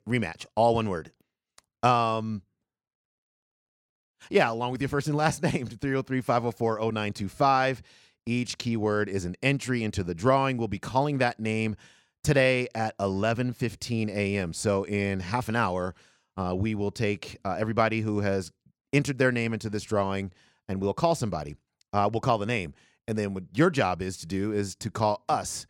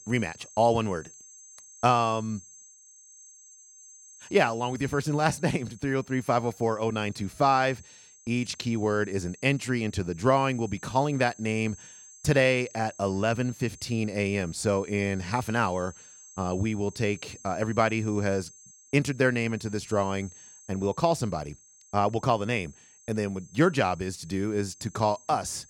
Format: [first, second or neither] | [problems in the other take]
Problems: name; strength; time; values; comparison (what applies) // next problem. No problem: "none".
first | high-pitched whine; faint; throughout; 6.5 kHz, 20 dB below the speech